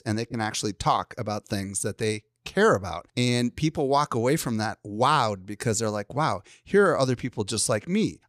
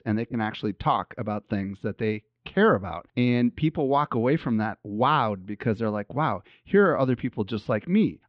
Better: first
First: none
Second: muffled; very; fading above 3.5 kHz

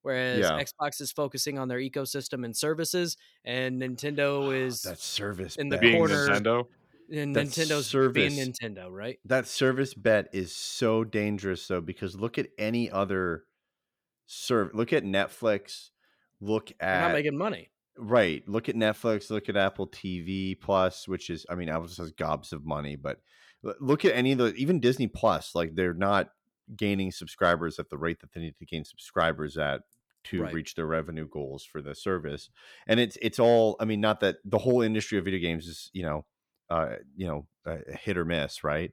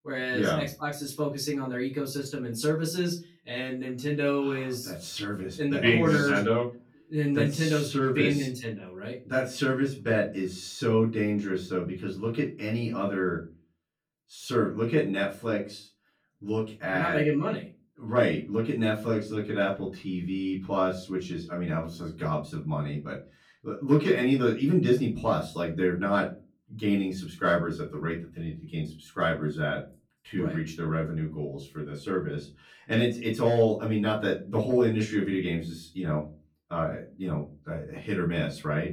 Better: first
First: none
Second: off-mic speech; far // room echo; slight; dies away in 0.3 s

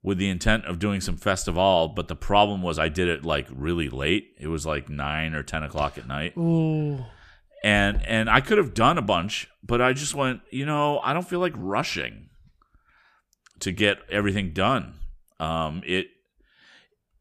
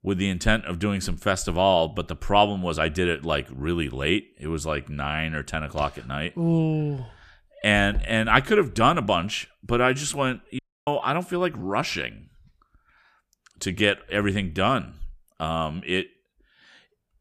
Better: first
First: none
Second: audio cutting out; at 11 s

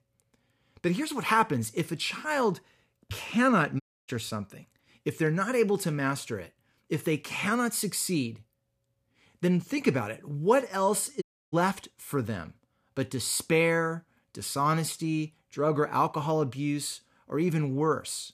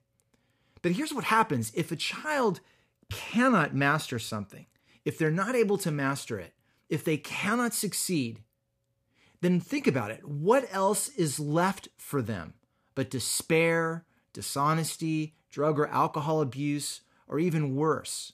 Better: second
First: audio cutting out; at 4 s and at 11 s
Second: none

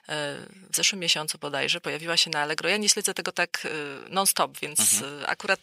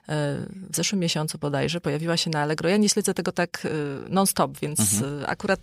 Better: second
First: thin; somewhat; fading below 1 kHz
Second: none

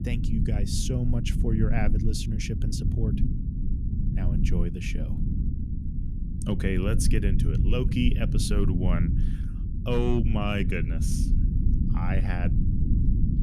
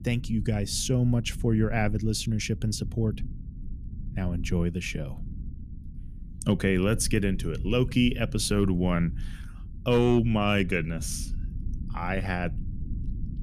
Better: second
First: low rumble; loud; throughout; 6 dB below the speech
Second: low rumble; faint; throughout; 20 dB below the speech

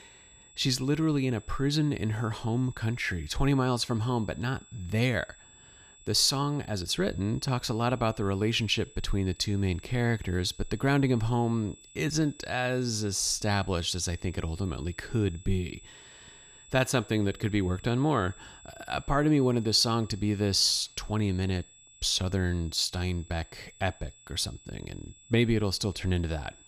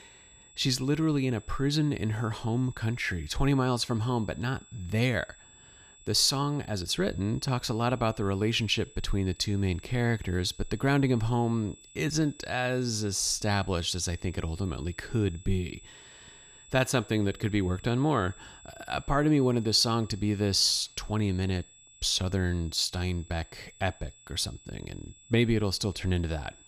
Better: neither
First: high-pitched whine; faint; throughout; 7.5 kHz, 25 dB below the speech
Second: high-pitched whine; faint; throughout; 7.5 kHz, 25 dB below the speech

